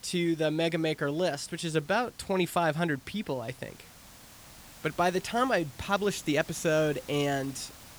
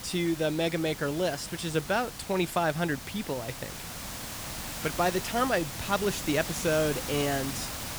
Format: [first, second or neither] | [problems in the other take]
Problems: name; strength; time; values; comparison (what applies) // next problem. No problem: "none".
first | hiss; loud; throughout; 7 dB below the speech; faint in the first